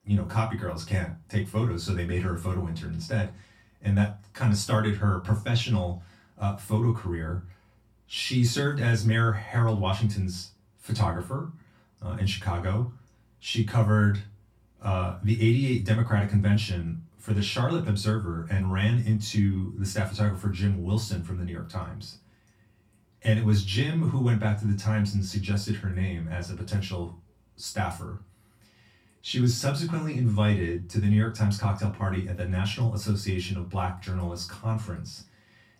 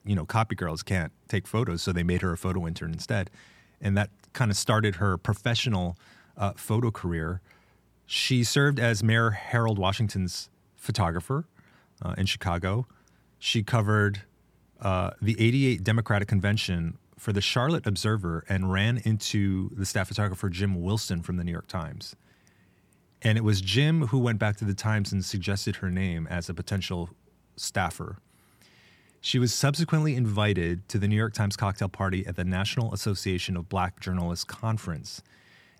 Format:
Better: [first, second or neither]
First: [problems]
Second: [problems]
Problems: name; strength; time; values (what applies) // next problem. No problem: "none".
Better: second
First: off-mic speech; far // room echo; very slight; dies away in 0.2 s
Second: none